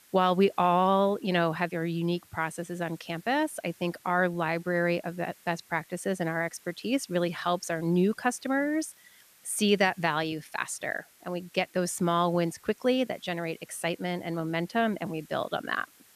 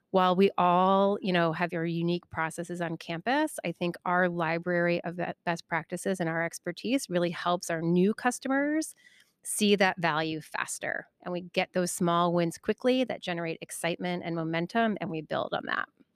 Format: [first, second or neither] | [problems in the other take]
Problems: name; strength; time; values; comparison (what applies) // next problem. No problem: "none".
second | hiss; faint; throughout; 25 dB below the speech